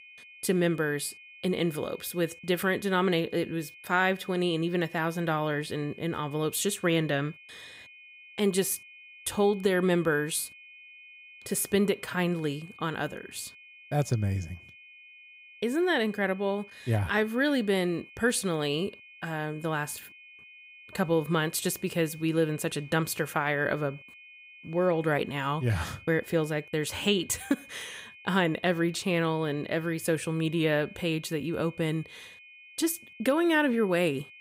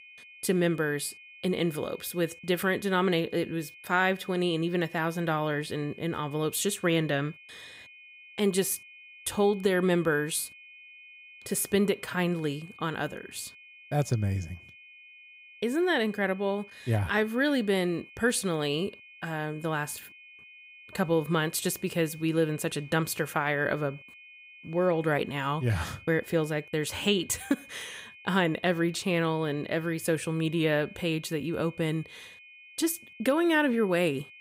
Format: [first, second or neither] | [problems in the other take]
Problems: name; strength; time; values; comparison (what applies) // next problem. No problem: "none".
neither | high-pitched whine; noticeable; throughout; 2.5 kHz, 20 dB below the speech; the same in both